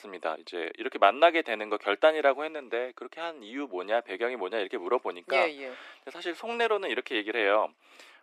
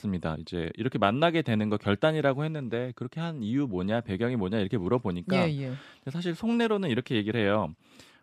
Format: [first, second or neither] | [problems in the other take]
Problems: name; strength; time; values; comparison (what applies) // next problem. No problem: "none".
second | thin; very; fading below 300 Hz